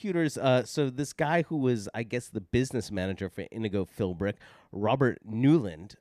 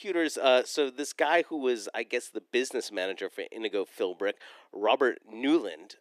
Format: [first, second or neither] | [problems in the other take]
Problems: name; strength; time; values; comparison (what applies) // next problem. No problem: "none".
first | thin; somewhat; fading below 350 Hz